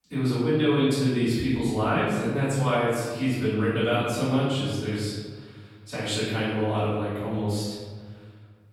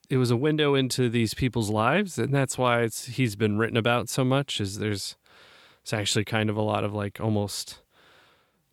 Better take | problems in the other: second | off-mic speech; far // room echo; strong; dies away in 1.4 s

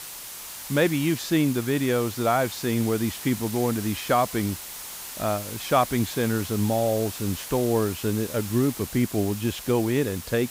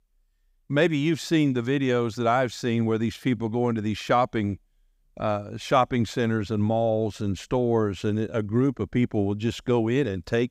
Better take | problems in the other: second | hiss; loud; throughout; 10 dB below the speech

